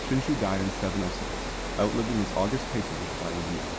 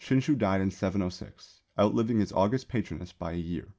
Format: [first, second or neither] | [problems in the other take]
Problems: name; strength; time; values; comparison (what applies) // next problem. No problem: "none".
second | background sound (Water); 3 dB below the speech